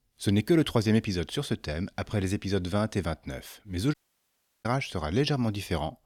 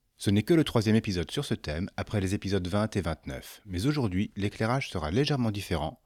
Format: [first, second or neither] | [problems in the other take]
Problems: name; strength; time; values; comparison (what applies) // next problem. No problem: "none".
second | audio cutting out; at 4 s for 0.5 s